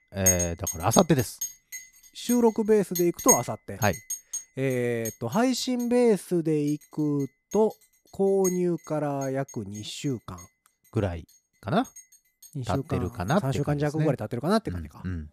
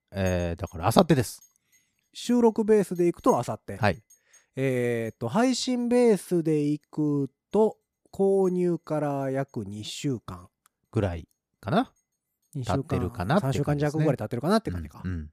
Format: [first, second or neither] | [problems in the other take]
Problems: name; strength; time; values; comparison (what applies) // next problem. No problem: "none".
second | household noises; loud; throughout; 3 dB below the speech; faint in the second